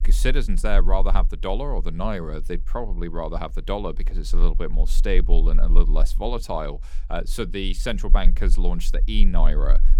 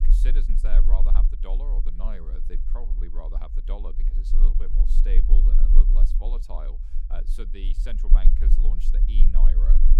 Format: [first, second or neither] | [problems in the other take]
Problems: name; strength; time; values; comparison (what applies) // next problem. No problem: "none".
first | low rumble; loud; throughout; 5 dB below the speech; faint in the first